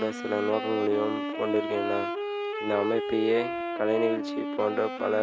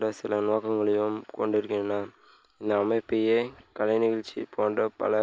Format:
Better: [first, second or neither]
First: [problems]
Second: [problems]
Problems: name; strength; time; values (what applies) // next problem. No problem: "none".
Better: second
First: background sound (Wind instrument, woodwind instrument); 4 dB below the speech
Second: none